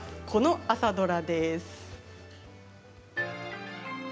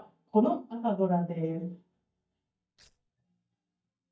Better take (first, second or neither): first